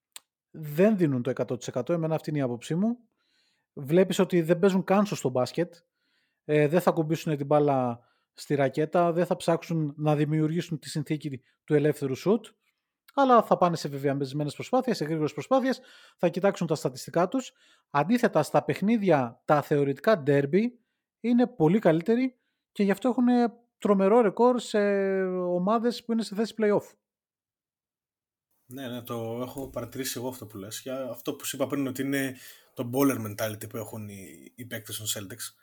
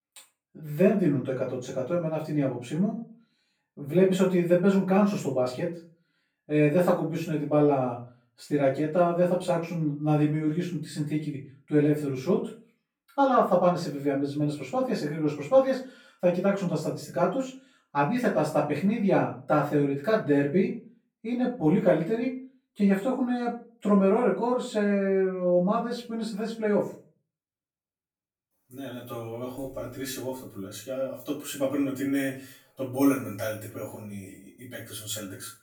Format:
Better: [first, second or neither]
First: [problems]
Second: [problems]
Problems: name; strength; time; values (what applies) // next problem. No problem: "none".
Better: first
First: none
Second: room echo; slight; dies away in 0.3 s // off-mic speech; far